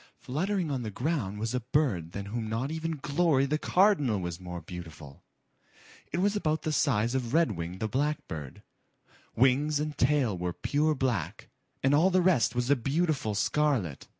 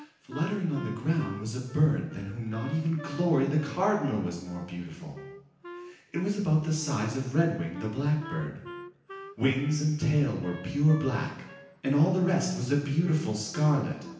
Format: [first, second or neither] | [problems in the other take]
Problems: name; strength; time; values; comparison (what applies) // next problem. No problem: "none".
first | background sound (Wind instrument, woodwind instrument); 18 dB below the speech // room echo; dies away in 0.9 s